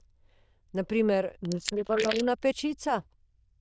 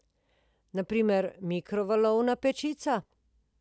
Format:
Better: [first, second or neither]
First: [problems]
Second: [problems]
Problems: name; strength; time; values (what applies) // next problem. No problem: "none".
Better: second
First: noise reduction (neural diffusion model UNIVERSE++)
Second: none